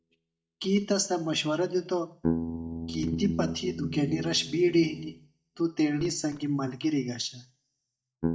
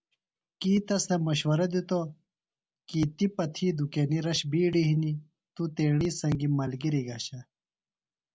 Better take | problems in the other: second | noise reduction (neural mask model DeepFilterNet 3)

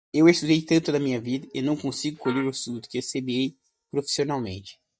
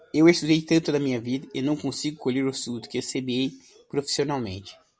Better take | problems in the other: second | noise reduction (neural mask model DeepFilterNet 3)

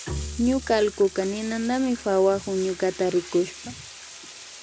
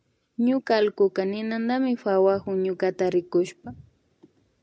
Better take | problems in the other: second | background sound (Bowed string instrument + Bathtub (filling or washing)); 13 dB below the speech

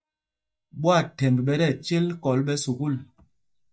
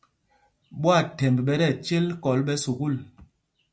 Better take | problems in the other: second | noise reduction (neural mask model DeepFilterNet 3)

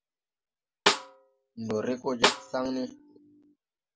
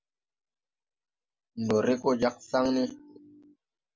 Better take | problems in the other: second | background sound (Snare drum); 4 dB above the speech

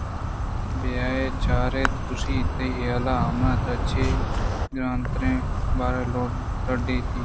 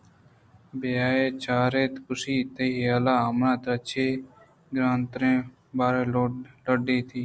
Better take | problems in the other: second | background sound (Insect); 4 dB above the speech

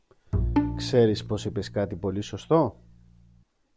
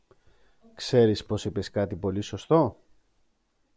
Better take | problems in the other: second | background sound (Bowed string instrument + Bowed string instrument); 4 dB below the speech

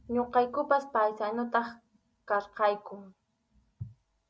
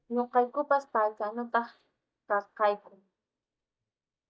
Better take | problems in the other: first | noise reduction (neural mask model DeepFilterNet 3)

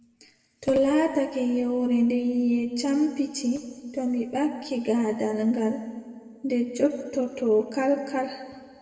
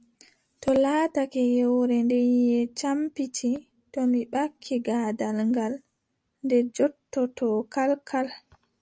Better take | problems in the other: second | room echo; dies away in 2 s

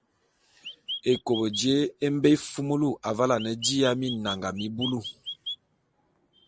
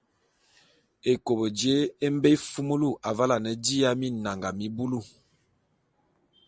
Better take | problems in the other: second | background sound (Chirp, tweet); 10 dB below the speech

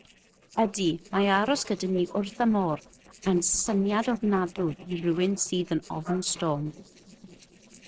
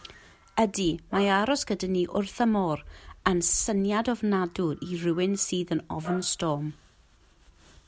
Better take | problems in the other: second | noise reduction (neural separator model SepFormer DNS4)

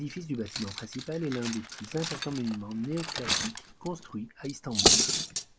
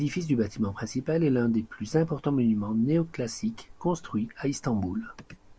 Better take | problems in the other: second | background sound (Cutlery, silverware); 3 dB above the speech

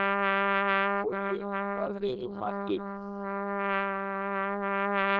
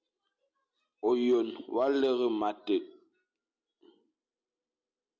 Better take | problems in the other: second | noise reduction (neural diffusion model UNIVERSE++)

